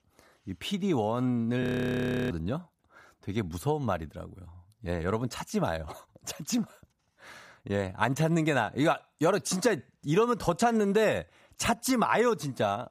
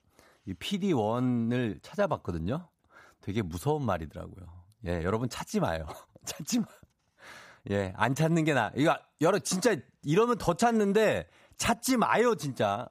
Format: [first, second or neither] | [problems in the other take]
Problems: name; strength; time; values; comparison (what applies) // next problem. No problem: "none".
second | audio freezing; at 1.5 s for 0.5 s